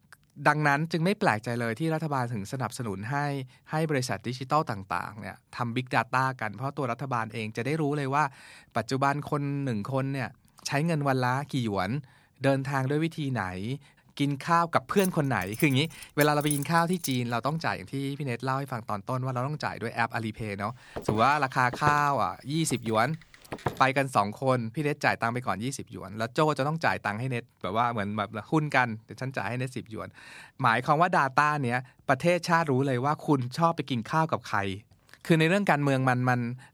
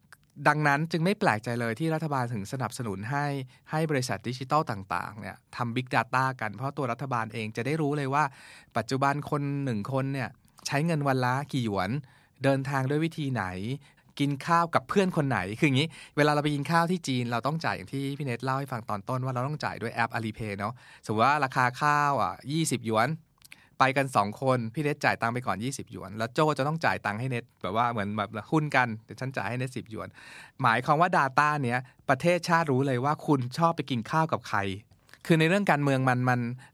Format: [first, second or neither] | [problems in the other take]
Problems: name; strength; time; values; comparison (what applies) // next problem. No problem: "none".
second | jangling keys; noticeable; from 15 to 17 s; peak 5 dB below the speech // footsteps; noticeable; from 21 to 24 s; peak 6 dB below the speech